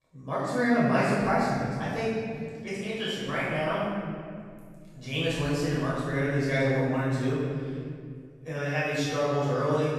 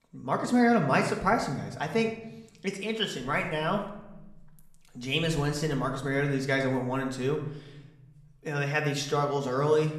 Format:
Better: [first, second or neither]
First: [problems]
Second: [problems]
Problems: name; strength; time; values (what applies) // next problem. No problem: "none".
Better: second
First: room echo; strong; dies away in 2.5 s // off-mic speech; far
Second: room echo; slight; dies away in 0.7 s // off-mic speech; somewhat distant